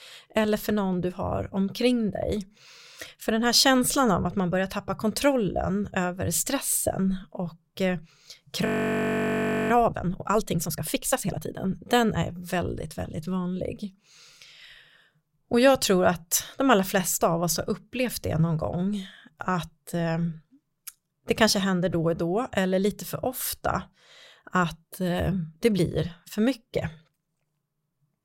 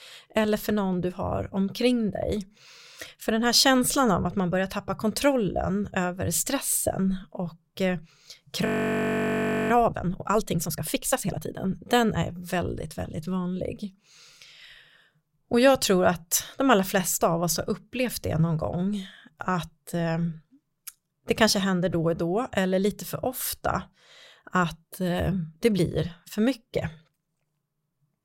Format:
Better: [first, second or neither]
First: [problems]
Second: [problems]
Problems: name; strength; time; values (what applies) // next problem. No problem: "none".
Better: neither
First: audio freezing; at 8.5 s for 1 s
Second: audio freezing; at 8.5 s for 1 s